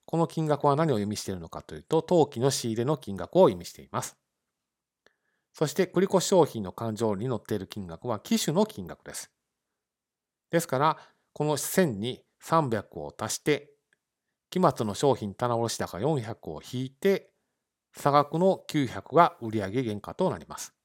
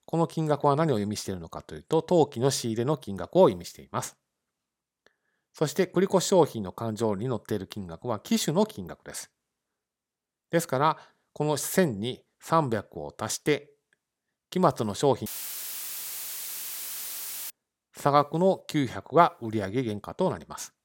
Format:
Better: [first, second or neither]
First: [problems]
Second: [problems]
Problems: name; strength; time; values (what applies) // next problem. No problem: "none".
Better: first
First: none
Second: audio cutting out; filled with static; at 15 s for 2 s